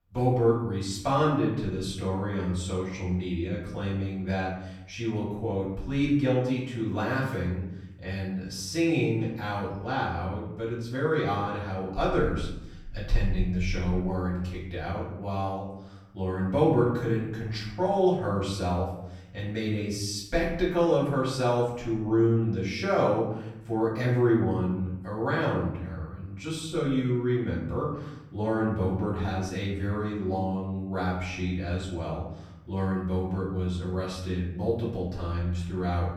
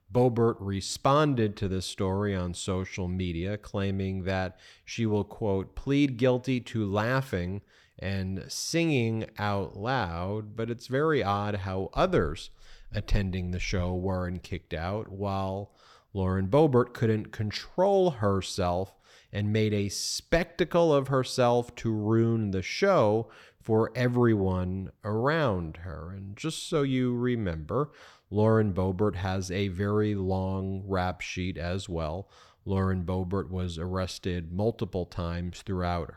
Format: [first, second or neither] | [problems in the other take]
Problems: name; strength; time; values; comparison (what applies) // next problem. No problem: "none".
second | off-mic speech; far // room echo; noticeable; dies away in 0.9 s